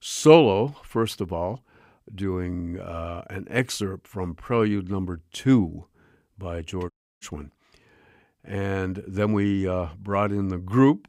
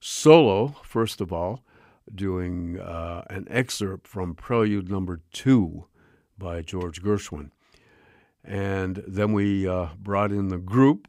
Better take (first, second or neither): second